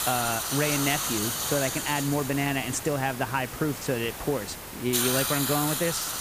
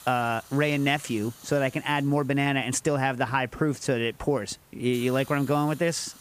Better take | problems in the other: second | hiss; loud; throughout; 1 dB below the speech; faint in the second

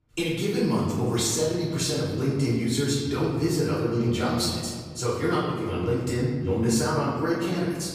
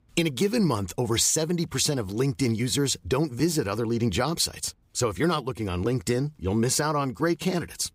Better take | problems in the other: second | off-mic speech; far // room echo; noticeable; dies away in 1.7 s

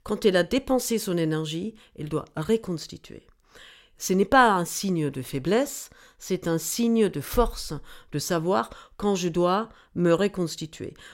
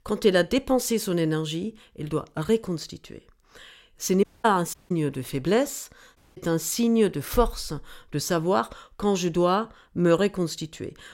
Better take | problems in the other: first | audio cutting out; at 4 s, at 4.5 s and at 6 s

